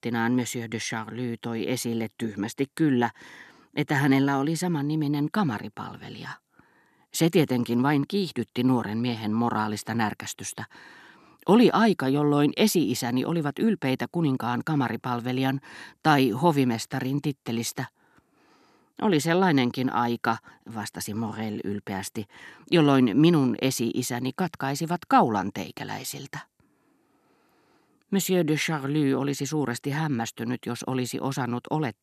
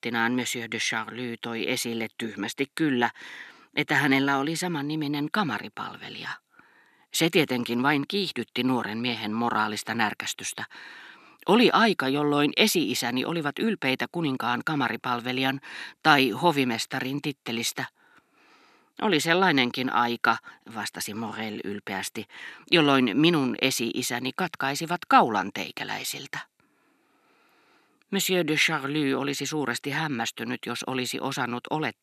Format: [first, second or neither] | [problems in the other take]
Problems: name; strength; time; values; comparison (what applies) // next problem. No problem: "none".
first | thin; very slightly; fading below 600 Hz